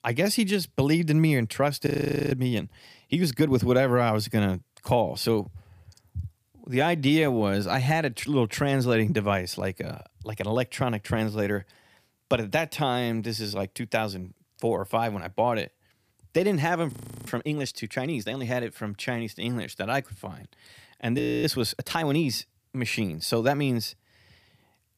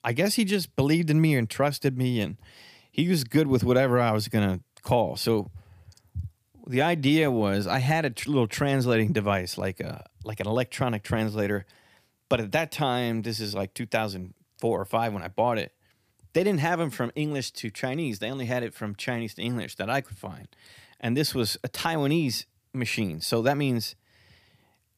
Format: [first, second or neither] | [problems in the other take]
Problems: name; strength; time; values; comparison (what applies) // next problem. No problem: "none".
second | audio freezing; at 2 s, at 17 s and at 21 s